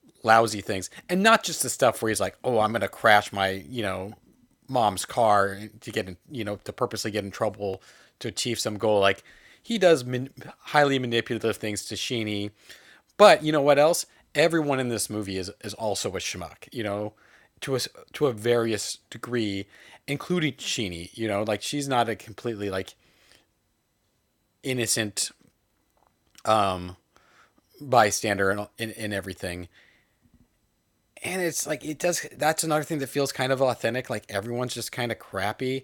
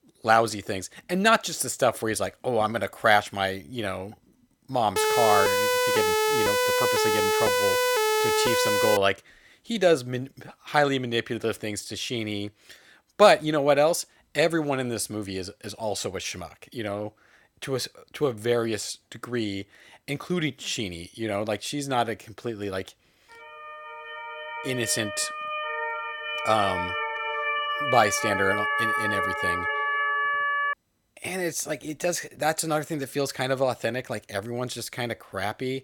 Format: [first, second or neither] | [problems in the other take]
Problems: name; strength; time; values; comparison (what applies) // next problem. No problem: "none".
first | siren; loud; from 5 to 9 s and from 24 to 31 s; peak 4 dB above the speech